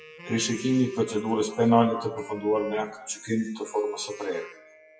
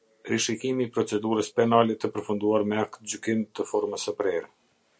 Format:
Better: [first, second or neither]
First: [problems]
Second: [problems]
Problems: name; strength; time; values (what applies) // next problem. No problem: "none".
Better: second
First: noise reduction (classical method WPE with log-MMSE)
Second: none